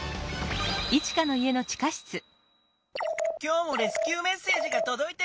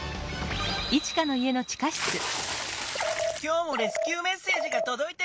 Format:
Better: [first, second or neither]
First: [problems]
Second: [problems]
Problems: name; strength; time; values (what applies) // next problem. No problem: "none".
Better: first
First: none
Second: background sound (Water / Splash, splatter); 4 dB below the speech